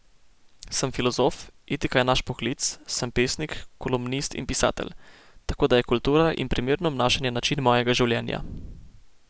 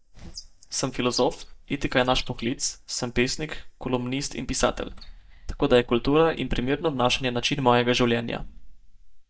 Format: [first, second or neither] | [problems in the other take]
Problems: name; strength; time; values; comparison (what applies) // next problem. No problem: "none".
first | noise reduction (neural mask model DeepFilterNet 3)